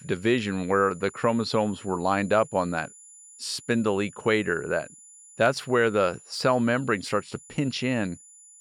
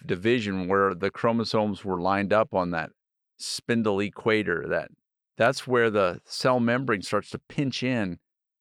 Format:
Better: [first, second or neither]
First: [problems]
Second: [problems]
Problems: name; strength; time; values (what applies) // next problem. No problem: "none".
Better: second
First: high-pitched whine; faint; throughout; 7 kHz, 20 dB below the speech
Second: none